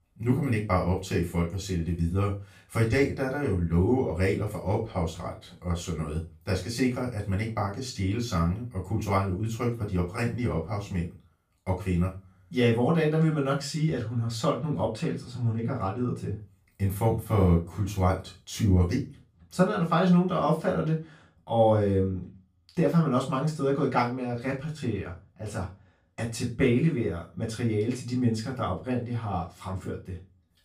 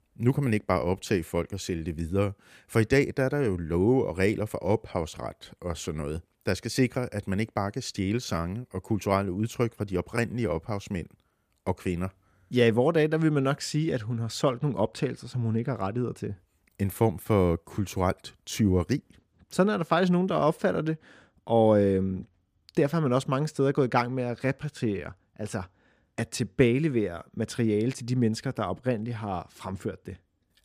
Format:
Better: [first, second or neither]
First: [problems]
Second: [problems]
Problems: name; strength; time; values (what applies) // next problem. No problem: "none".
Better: second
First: off-mic speech; far // room echo; slight; dies away in 0.3 s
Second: none